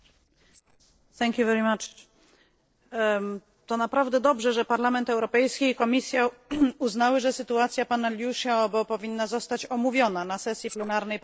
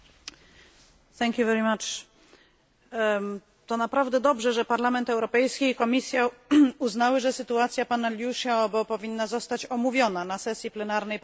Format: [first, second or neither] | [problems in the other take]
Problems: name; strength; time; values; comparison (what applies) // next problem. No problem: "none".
second | noise reduction (neural separator model SepFormer DNS4)